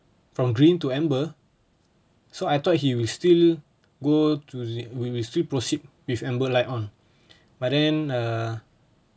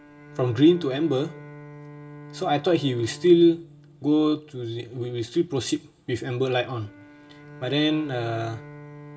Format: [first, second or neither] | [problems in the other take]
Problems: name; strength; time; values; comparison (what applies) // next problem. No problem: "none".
first | background sound (Bowed string instrument); 19 dB below the speech // room echo; dies away in 0.2 s